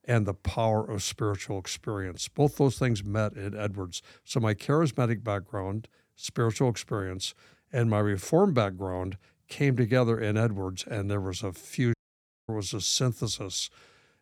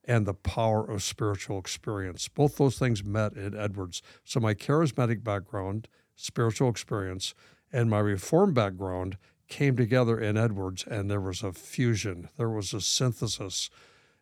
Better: second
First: audio cutting out; at 12 s for 0.5 s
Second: none

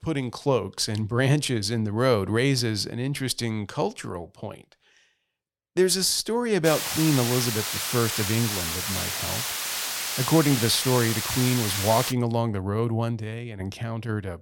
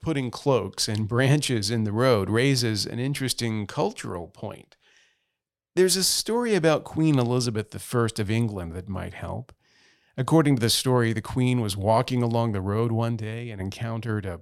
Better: second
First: hiss; loud; from 6.5 to 12 s; 2 dB below the speech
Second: none

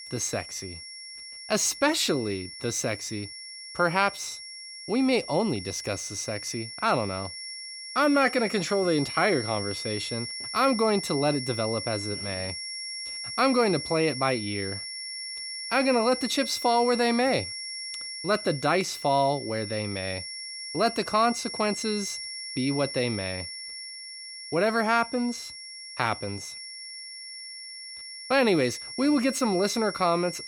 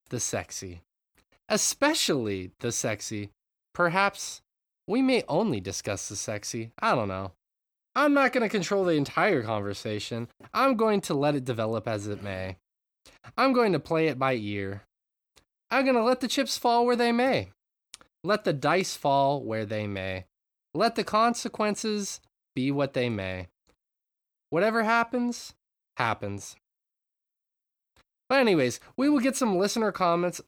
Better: second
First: high-pitched whine; loud; throughout; 5.5 kHz, 9 dB below the speech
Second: none

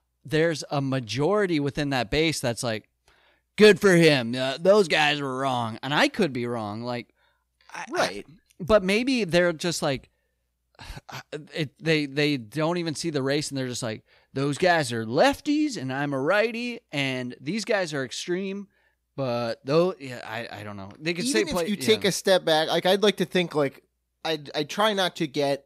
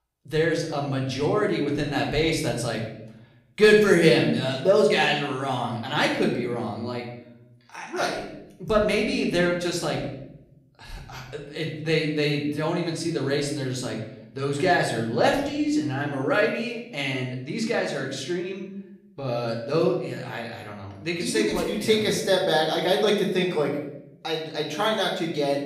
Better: first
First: none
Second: room echo; noticeable; dies away in 0.7 s // off-mic speech; somewhat distant

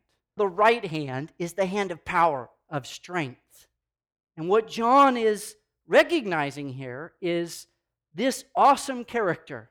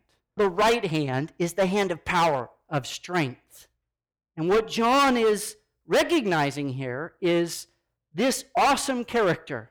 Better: first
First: none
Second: distortion; heavy; 9% of the sound clipped

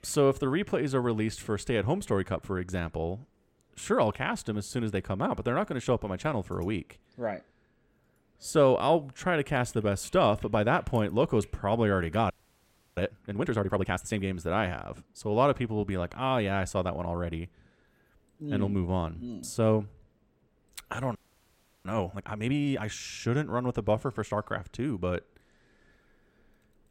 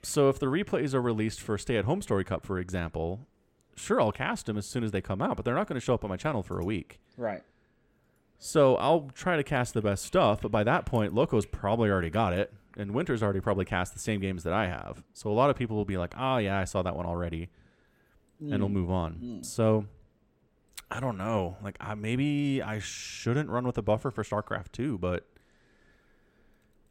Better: second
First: audio freezing; at 12 s for 0.5 s and at 21 s for 0.5 s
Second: none

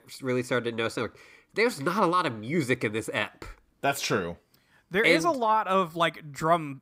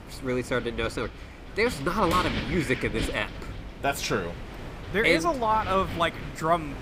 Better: first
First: none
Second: wind noise on the microphone; occasional gusts; 10 dB below the speech

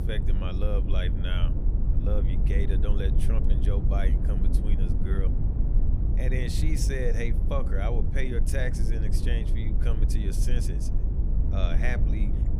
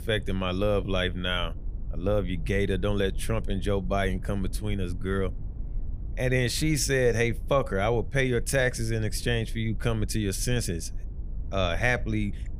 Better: second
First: low rumble; loud; throughout; 5 dB below the speech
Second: low rumble; faint; throughout; 25 dB below the speech

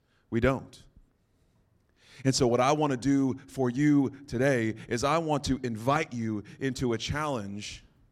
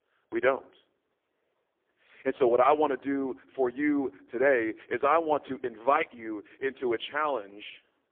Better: first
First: none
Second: phone-call audio; poor line; nothing above 3.5 kHz

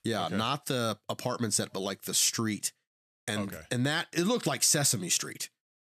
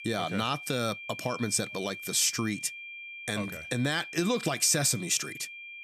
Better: first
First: none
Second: high-pitched whine; noticeable; throughout; 2.5 kHz, 10 dB below the speech

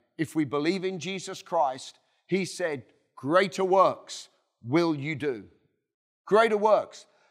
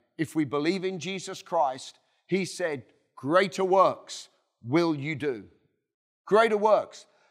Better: neither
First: none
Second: none

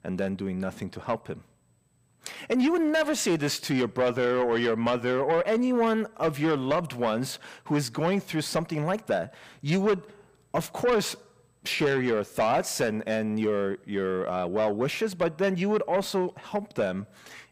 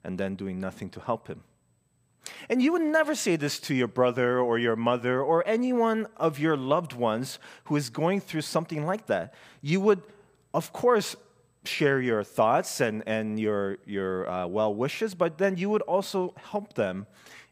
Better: second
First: distortion; slight; 10 dB below the speech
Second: none

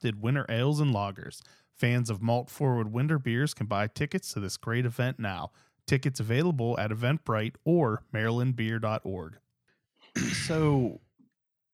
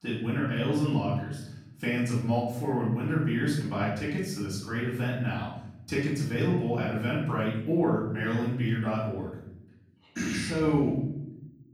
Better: first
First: none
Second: off-mic speech; far // room echo; noticeable; dies away in 0.8 s

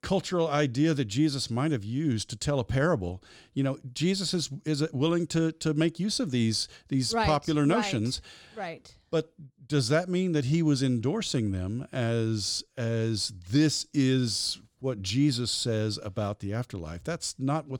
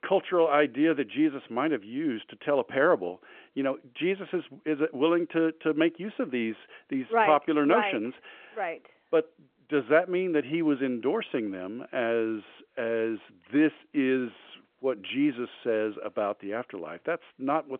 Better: first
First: none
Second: phone-call audio

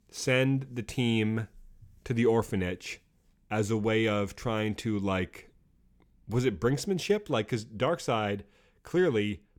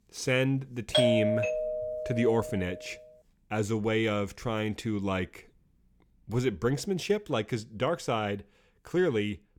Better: first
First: none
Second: doorbell; loud; from 1 to 2.5 s; peak 5 dB above the speech

